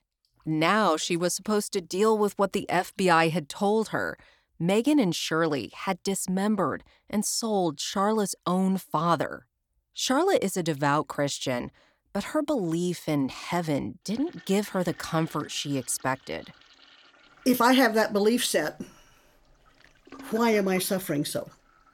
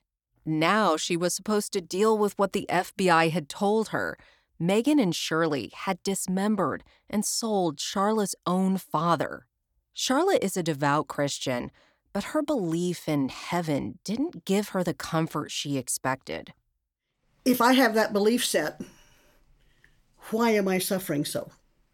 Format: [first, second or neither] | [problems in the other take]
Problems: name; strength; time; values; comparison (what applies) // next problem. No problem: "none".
second | household noises; faint; throughout; 25 dB below the speech